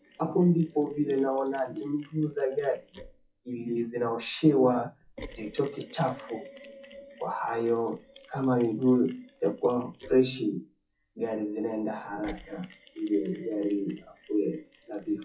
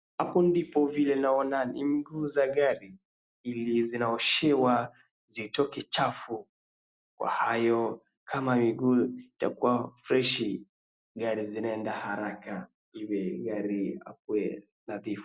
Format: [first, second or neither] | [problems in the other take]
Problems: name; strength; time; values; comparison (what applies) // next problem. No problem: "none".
second | noise reduction (classical method WPE with log-MMSE)